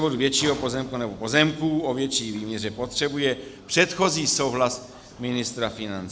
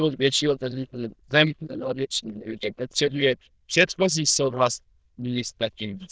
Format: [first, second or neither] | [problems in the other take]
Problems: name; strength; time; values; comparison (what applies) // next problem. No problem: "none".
first | noise reduction (neural diffusion model UNIVERSE++)